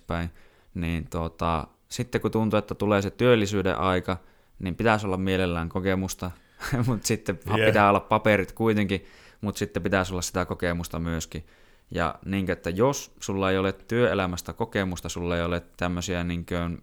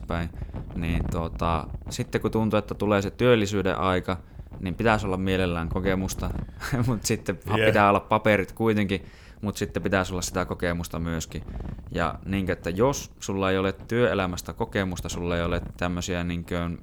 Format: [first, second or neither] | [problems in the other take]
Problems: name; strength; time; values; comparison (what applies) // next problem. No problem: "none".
first | wind noise on the microphone; occasional gusts; 20 dB below the speech